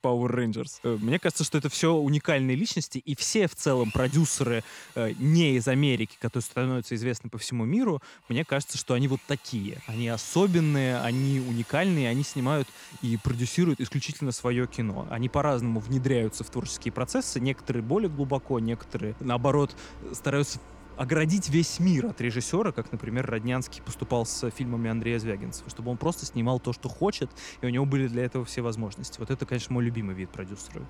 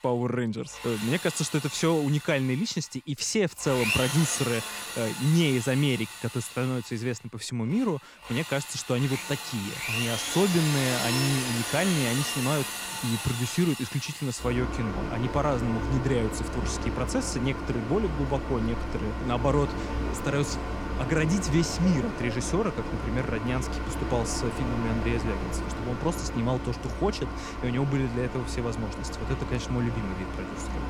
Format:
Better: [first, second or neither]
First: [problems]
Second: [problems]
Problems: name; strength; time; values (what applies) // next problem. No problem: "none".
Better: first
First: machinery noise; faint; throughout; 20 dB below the speech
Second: machinery noise; loud; throughout; 4 dB below the speech